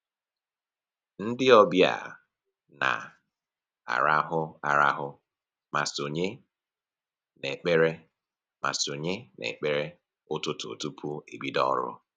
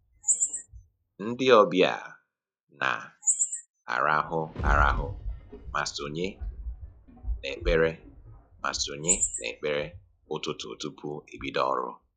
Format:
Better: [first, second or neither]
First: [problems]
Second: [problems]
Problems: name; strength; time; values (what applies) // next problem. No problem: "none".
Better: first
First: none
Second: noise reduction (classical method log-MMSE)